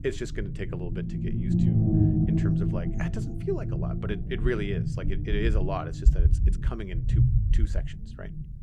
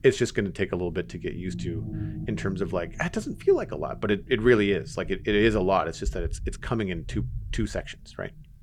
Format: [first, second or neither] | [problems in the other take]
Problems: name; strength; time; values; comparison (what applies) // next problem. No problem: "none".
second | low rumble; loud; throughout; as loud as the speech; faint in the second